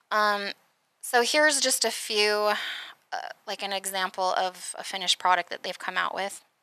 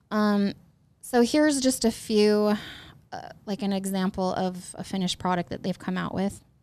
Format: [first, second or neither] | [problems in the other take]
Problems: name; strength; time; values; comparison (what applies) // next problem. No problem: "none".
second | thin; very; fading below 850 Hz